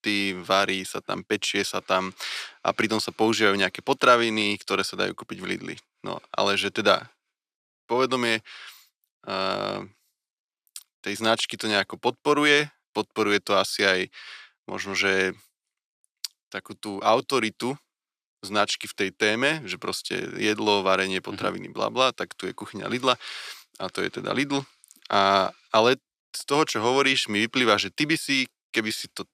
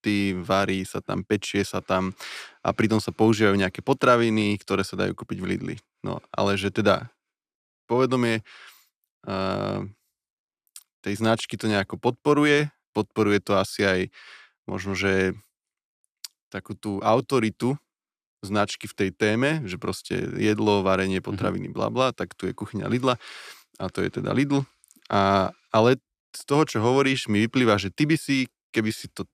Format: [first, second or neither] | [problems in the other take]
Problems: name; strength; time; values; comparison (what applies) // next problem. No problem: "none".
second | thin; very slightly; fading below 550 Hz